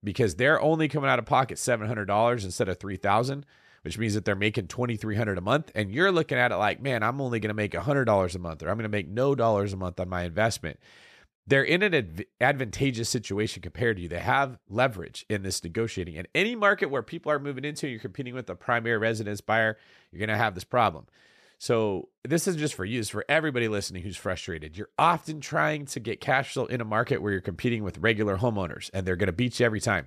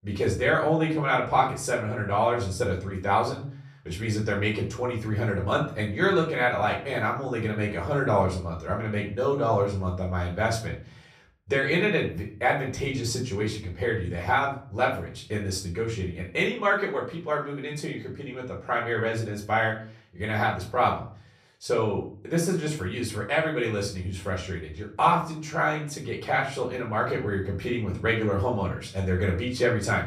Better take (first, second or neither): first